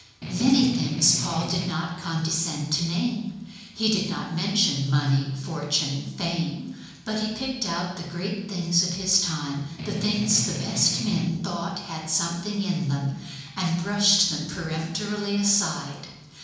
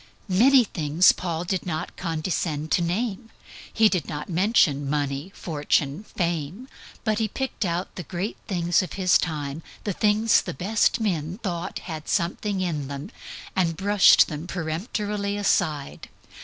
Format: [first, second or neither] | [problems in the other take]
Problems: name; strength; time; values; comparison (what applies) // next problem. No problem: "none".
second | background sound (Strum); 6 dB below the speech // room echo; dies away in 1 s